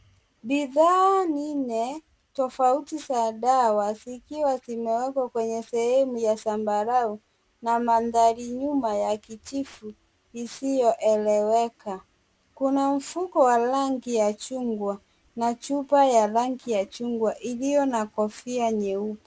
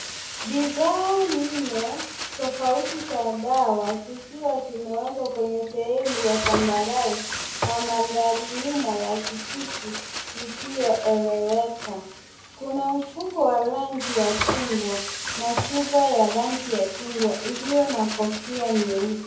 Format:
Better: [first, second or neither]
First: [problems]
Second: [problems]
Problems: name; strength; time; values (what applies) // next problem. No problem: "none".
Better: first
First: none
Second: background sound (Frying (food)); 7 dB below the speech // room echo; dies away in 0.6 s